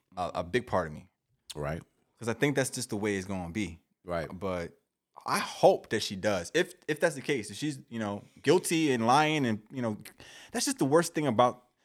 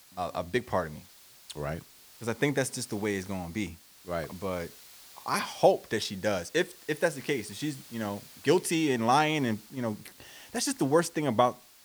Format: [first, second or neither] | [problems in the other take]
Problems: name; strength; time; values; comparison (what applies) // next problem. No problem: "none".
first | hiss; noticeable; throughout; 20 dB below the speech